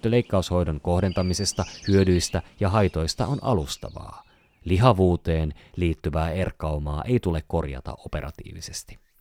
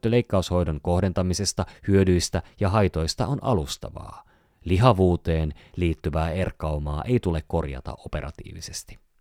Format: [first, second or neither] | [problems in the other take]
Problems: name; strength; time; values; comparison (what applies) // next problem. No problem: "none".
second | animal sounds; noticeable; throughout; 20 dB below the speech